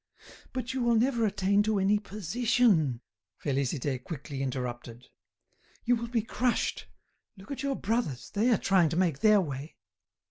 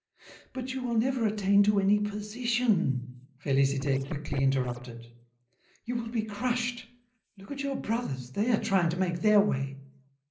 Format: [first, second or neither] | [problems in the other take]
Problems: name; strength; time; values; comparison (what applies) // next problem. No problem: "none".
first | noise reduction (neural separator model SepFormer DNS4)